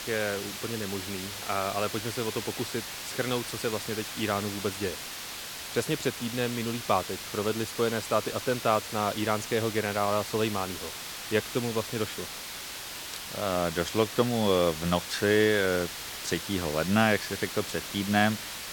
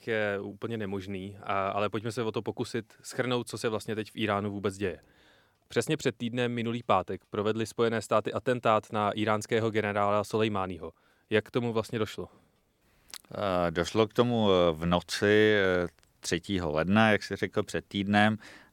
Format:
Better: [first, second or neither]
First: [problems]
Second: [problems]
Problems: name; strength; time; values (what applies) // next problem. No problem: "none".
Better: second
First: hiss; loud; throughout; 7 dB below the speech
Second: none